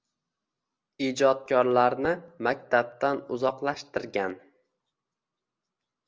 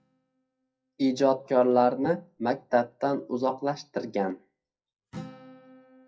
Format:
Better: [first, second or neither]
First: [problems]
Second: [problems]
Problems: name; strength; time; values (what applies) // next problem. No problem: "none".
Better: first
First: none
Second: noise reduction (classical method WPE with log-MMSE)